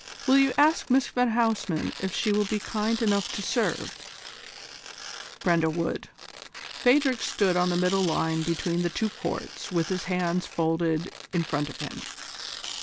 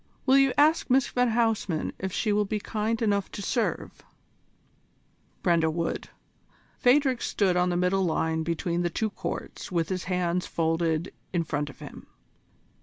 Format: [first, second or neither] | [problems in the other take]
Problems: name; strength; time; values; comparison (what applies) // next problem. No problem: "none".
second | background sound (Tearing); 12 dB below the speech